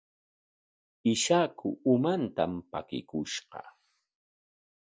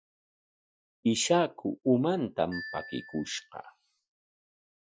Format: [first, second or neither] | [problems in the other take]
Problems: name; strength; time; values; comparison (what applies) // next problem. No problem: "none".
first | noise reduction (classical method Wiener filter)